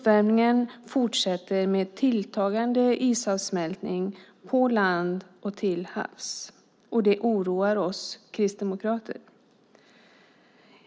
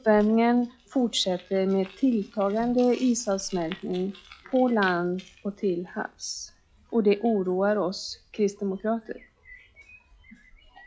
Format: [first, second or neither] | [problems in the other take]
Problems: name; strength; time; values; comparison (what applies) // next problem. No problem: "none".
first | noise reduction (classical method log-MMSE)